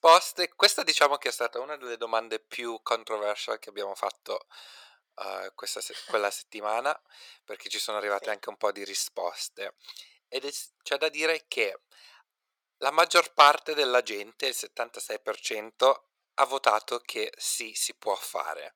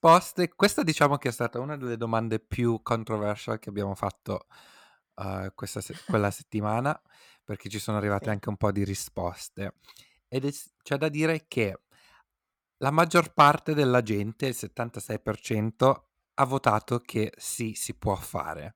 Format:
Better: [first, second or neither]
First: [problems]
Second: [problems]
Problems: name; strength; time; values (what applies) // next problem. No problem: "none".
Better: second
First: thin; very; fading below 450 Hz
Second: none